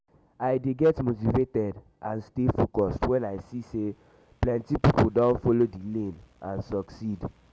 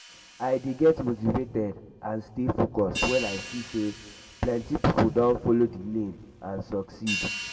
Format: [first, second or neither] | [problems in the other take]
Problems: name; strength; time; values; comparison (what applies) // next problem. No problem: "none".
first | background sound (Hi-hat); 12 dB below the speech // room echo; dies away in 1.1 s